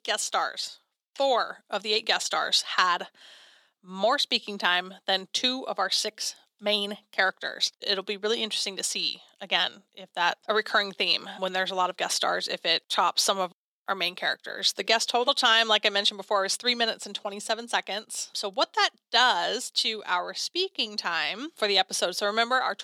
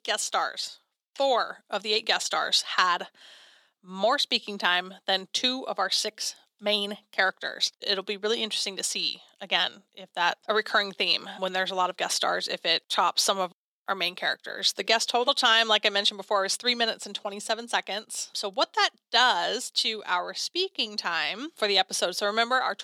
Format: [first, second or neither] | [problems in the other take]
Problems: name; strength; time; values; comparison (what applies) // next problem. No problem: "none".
neither | thin; somewhat; fading below 450 Hz; the same in both